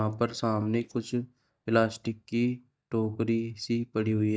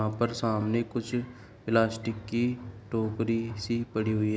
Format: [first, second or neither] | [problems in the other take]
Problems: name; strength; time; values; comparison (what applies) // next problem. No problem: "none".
second | noise reduction (neural mask model DeepFilterNet 3)